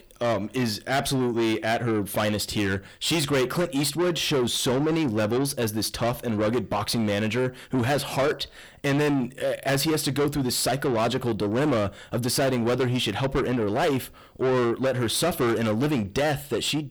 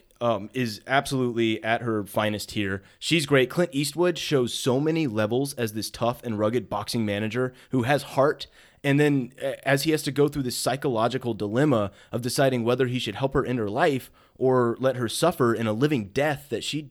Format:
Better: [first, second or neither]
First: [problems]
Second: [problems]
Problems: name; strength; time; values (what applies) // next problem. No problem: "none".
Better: second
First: distortion; heavy; 7 dB below the speech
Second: none